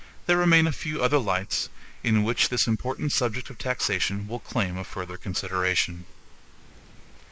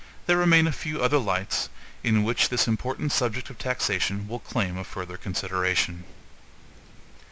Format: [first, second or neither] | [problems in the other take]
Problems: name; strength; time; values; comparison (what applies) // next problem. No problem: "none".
second | noise reduction (neural mask model Resemble Enhance denoiser)